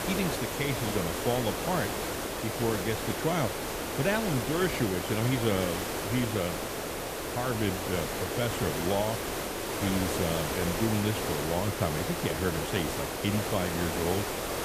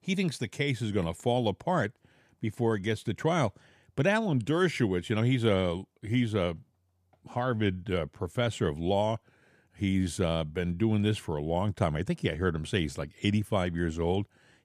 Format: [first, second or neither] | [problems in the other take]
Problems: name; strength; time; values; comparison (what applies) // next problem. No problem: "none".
second | hiss; loud; throughout; 1 dB below the speech